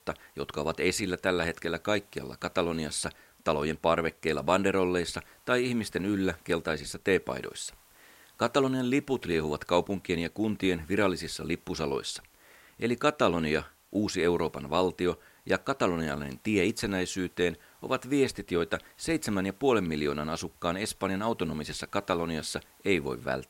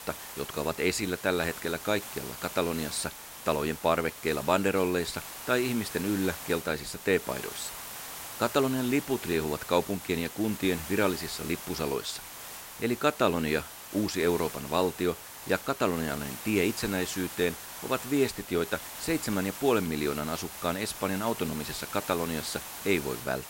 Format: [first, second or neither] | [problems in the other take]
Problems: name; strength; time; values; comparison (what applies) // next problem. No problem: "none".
first | hiss; loud; throughout; 10 dB below the speech; faint in the first